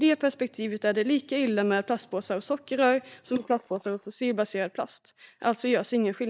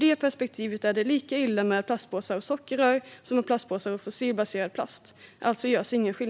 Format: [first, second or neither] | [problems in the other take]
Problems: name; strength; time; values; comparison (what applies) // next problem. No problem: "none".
second | noise reduction (neural mask model DeepFilterNet 3)